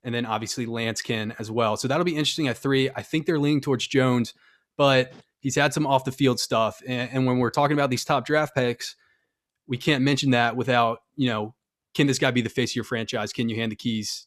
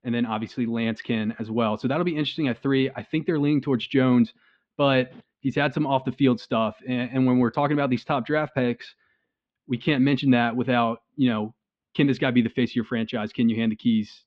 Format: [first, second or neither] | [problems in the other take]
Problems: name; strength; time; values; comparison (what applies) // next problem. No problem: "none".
first | muffled; slightly; fading above 3.5 kHz